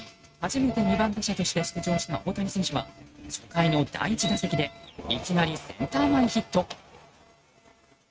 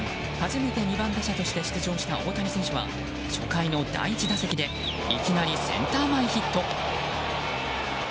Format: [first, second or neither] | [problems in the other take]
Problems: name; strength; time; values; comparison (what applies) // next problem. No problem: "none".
second | noise reduction (neural mask model RNNoise)